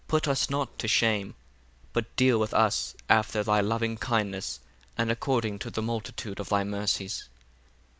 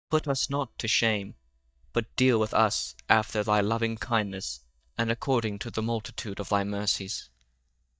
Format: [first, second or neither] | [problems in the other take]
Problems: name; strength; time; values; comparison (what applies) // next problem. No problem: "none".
first | noise reduction (neural mask model DeepFilterNet 3)